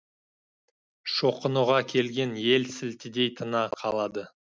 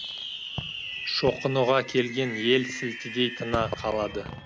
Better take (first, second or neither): first